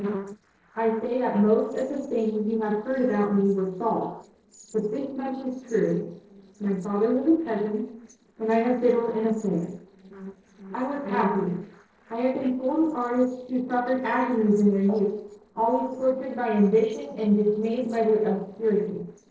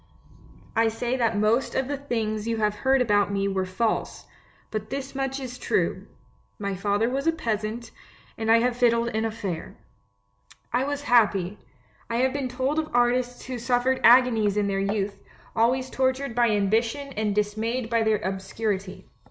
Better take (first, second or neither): second